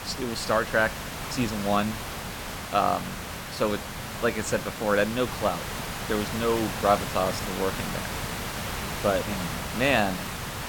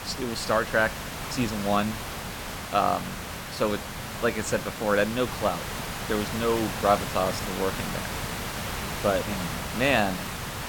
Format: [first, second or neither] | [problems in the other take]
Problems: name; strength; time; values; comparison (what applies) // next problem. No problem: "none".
neither | hiss; loud; throughout; 5 dB below the speech; the same in both